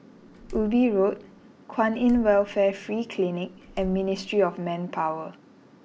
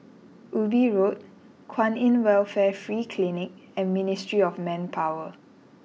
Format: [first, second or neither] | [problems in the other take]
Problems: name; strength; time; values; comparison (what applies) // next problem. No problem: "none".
second | background sound (Slam); 19 dB below the speech